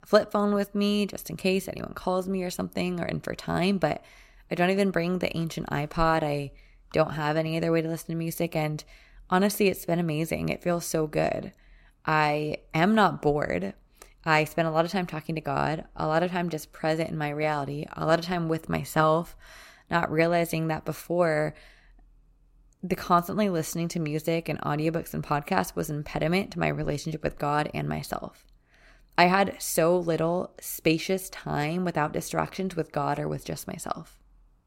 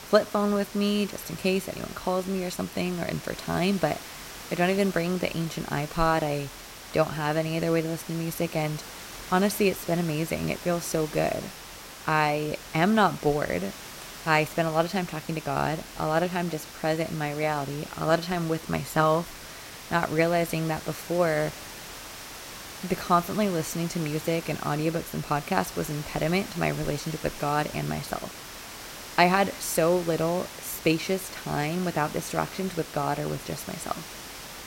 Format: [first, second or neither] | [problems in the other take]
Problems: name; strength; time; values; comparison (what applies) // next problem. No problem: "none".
first | hiss; noticeable; throughout; 10 dB below the speech